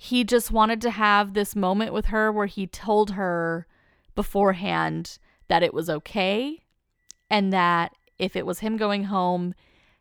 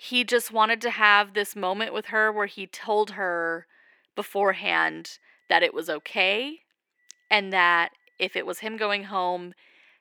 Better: first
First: none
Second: thin; somewhat; fading below 300 Hz

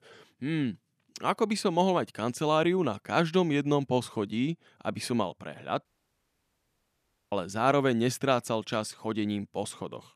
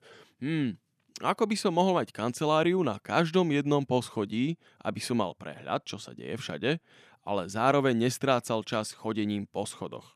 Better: second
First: audio cutting out; at 6 s for 1.5 s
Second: none

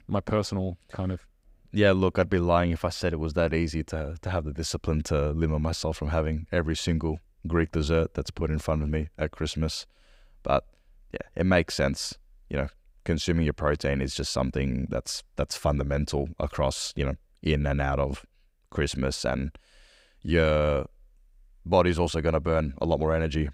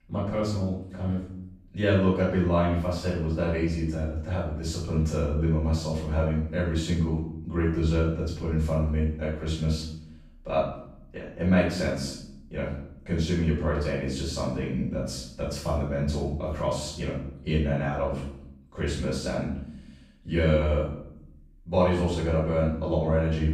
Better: first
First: none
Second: off-mic speech; far // room echo; noticeable; dies away in 0.7 s

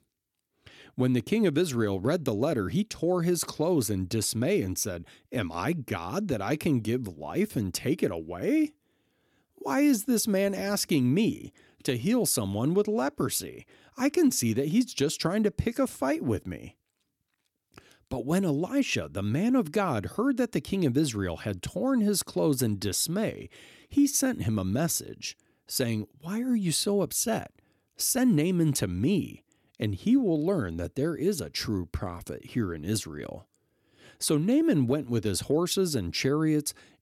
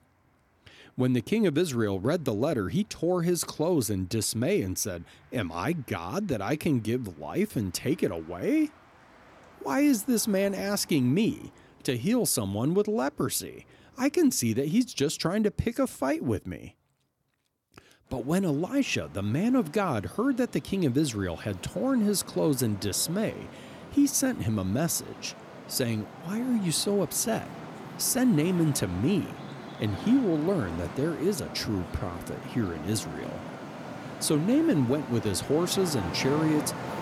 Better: first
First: none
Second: traffic noise; noticeable; throughout; 15 dB below the speech

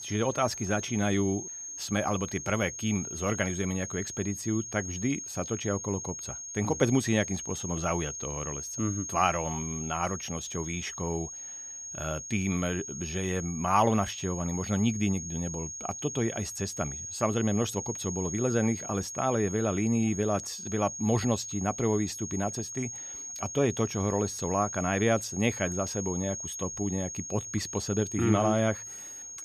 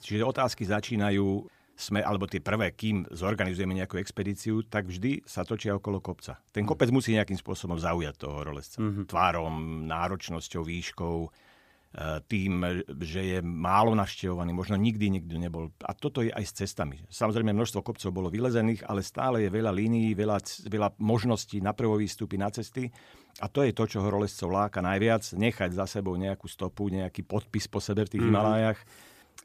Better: second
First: high-pitched whine; loud; throughout; 6.5 kHz, 6 dB below the speech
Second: none

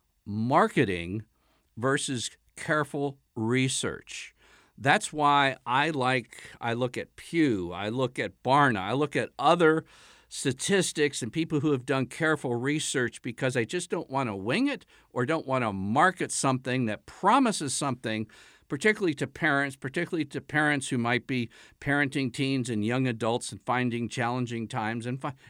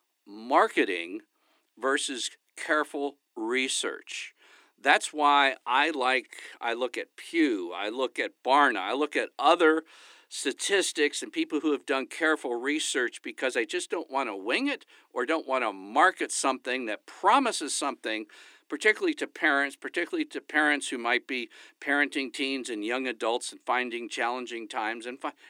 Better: first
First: none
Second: thin; somewhat; fading below 300 Hz

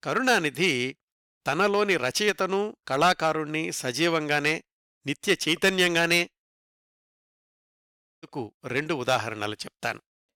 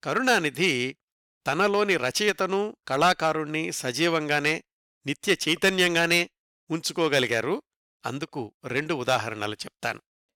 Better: second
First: audio cutting out; at 6.5 s for 1.5 s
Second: none

